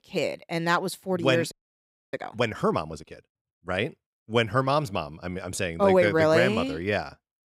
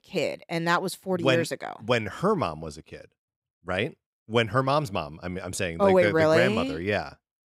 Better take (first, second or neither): second